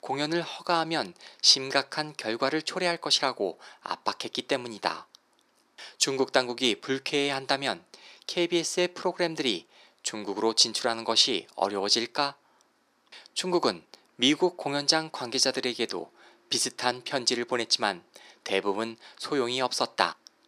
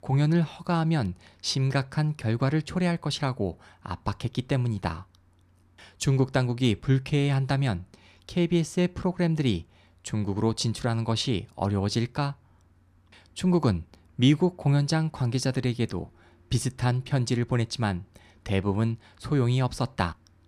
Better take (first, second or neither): second